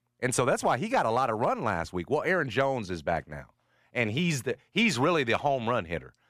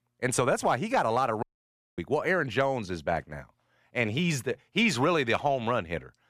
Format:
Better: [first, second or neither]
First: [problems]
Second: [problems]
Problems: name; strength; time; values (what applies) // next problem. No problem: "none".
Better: first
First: none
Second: audio cutting out; at 1.5 s for 0.5 s